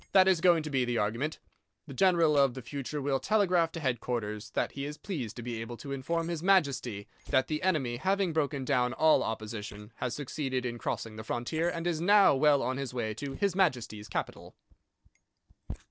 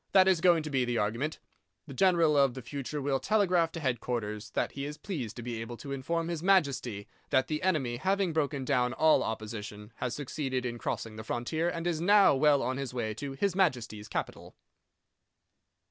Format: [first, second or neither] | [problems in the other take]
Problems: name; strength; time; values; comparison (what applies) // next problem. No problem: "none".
second | noise reduction (neural separator model SepFormer DNS4)